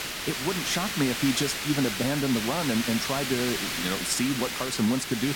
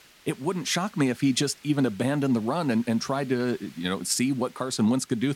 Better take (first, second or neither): second